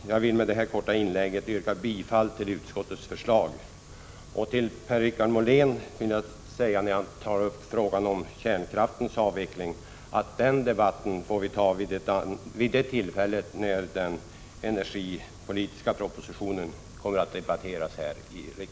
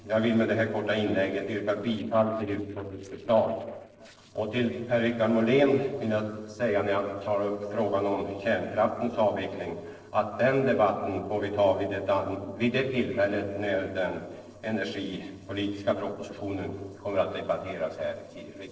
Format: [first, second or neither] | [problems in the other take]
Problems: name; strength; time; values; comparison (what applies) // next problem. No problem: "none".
first | noise reduction (neural separator model SepFormer DNS4)